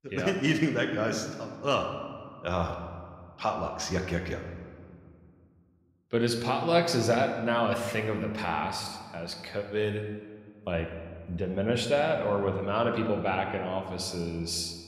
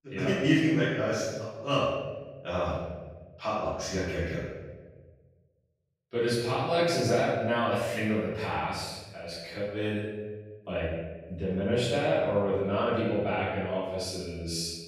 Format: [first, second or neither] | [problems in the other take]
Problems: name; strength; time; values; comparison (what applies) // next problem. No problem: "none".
first | room echo; strong; dies away in 1.1 s; slight in the first // off-mic speech; far